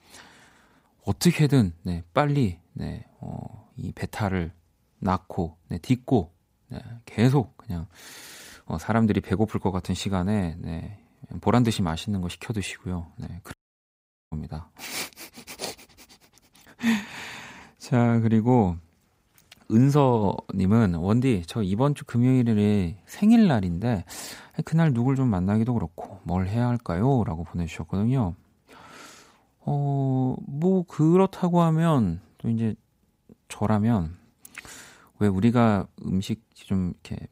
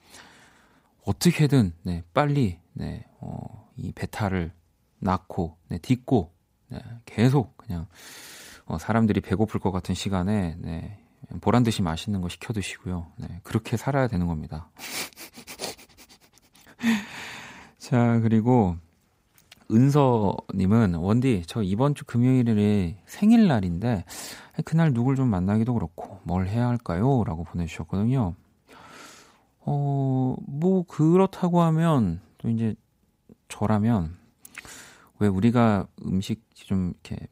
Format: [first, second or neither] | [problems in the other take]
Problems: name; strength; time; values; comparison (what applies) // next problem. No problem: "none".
second | audio cutting out; at 14 s for 1 s